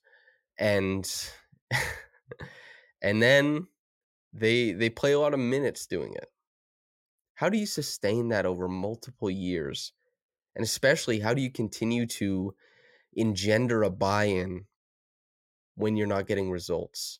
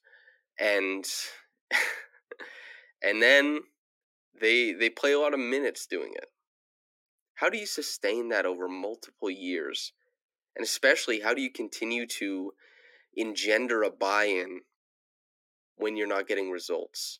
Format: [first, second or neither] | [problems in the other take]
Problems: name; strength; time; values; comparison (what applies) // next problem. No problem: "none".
first | thin; somewhat; fading below 250 Hz